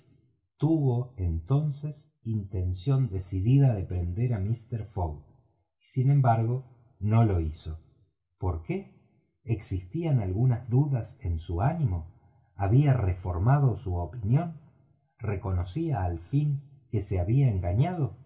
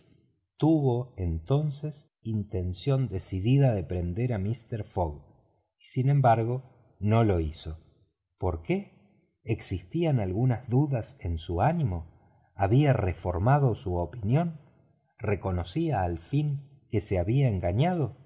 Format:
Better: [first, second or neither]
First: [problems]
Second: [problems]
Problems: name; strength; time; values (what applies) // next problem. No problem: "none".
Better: second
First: room echo; dies away in 0.2 s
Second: none